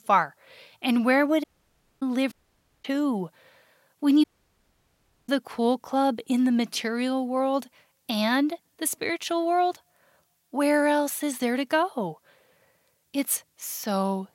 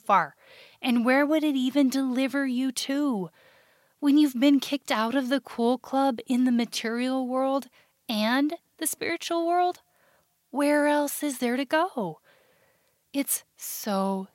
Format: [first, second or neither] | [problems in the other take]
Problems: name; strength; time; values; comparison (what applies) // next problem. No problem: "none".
second | audio cutting out; at 1.5 s for 0.5 s, at 2.5 s for 0.5 s and at 4 s for 1 s